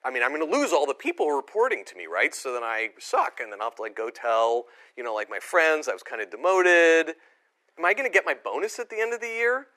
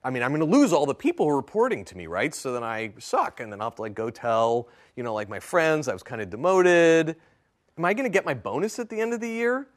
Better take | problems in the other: second | thin; somewhat; fading below 350 Hz

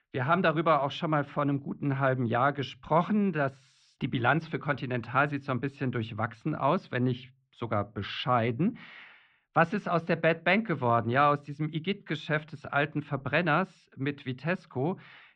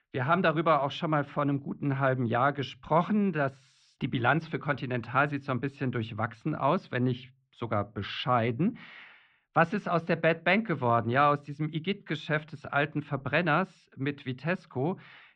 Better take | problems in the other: neither | muffled; very; fading above 3 kHz; the same in both

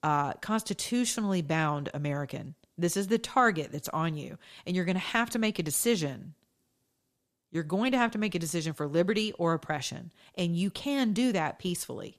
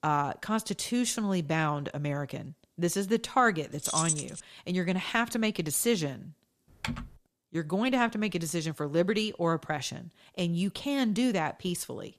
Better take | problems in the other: first | jangling keys; loud; at 4 s; peak 1 dB above the speech // keyboard typing; noticeable; at 7 s; peak 7 dB below the speech

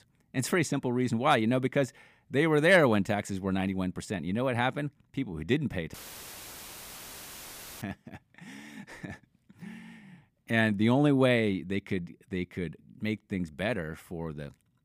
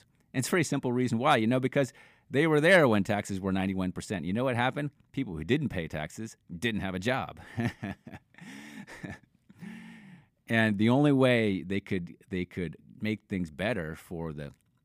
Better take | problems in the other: second | audio cutting out; filled with static; at 6 s for 2 s

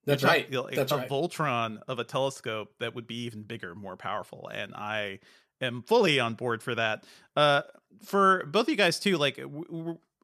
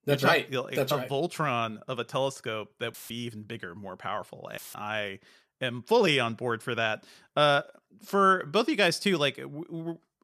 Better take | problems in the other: first | audio cutting out; filled with static; at 3 s and at 4.5 s

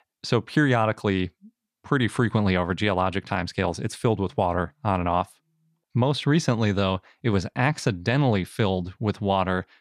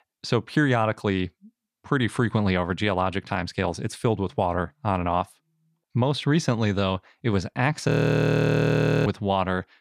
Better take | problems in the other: first | audio freezing; at 8 s for 1 s

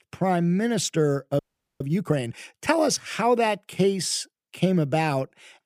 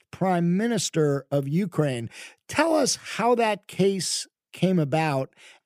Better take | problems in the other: second | audio freezing; at 1.5 s

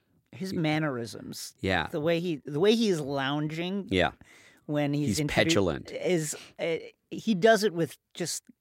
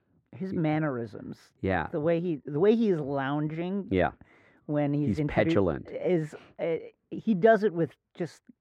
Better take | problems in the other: first | muffled; very; fading above 3 kHz

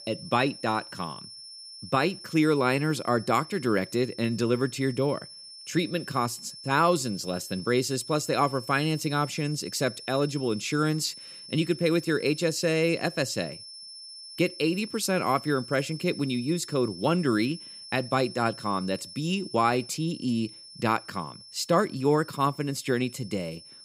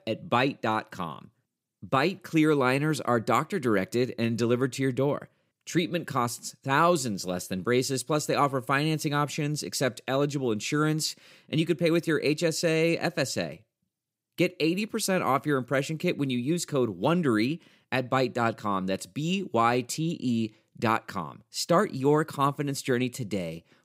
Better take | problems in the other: second | high-pitched whine; noticeable; throughout; 5.5 kHz, 15 dB below the speech

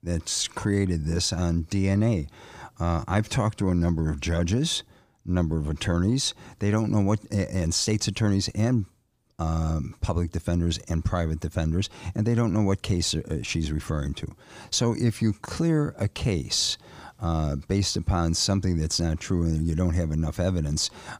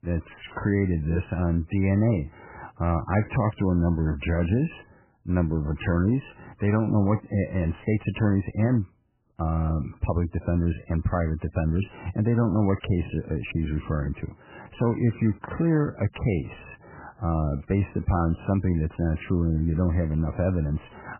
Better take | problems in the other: first | garbled, watery; badly; nothing above 3 kHz

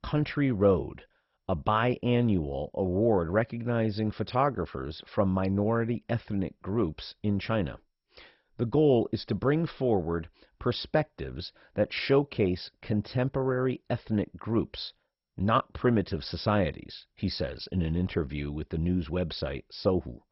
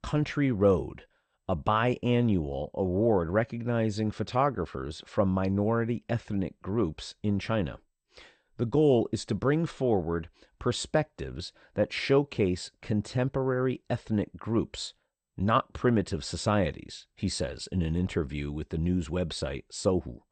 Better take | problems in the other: second | garbled, watery; badly; nothing above 5.5 kHz; slightly in the second

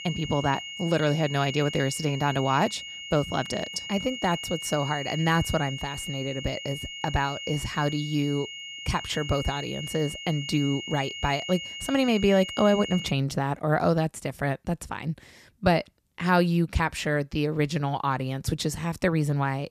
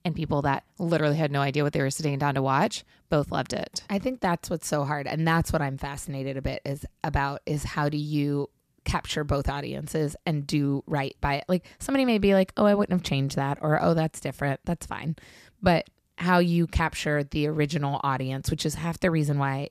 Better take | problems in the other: second | high-pitched whine; loud; until 13 s; 3 kHz, 8 dB below the speech

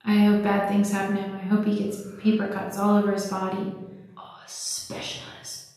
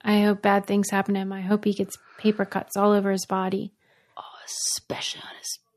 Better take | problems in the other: second | off-mic speech; far // room echo; noticeable; dies away in 1.1 s

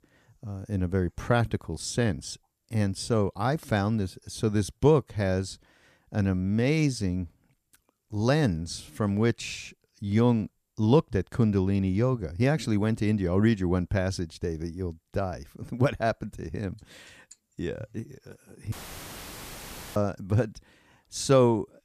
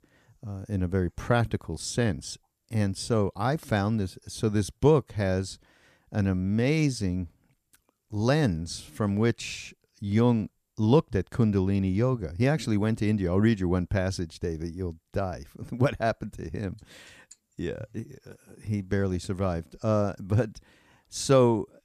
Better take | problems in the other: second | audio cutting out; filled with static; at 19 s for 1 s

